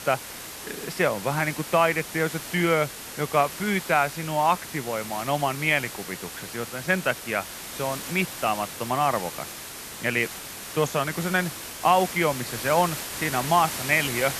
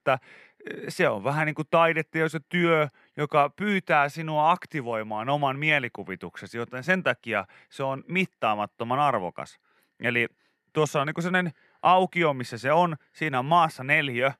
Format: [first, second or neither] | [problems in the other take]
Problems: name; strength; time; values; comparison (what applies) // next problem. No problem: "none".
second | hiss; loud; throughout; 9 dB below the speech